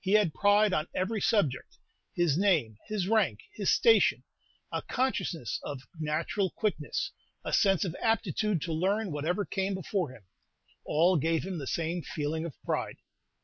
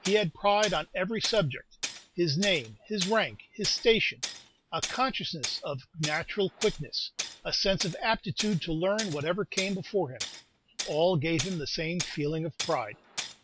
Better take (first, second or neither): first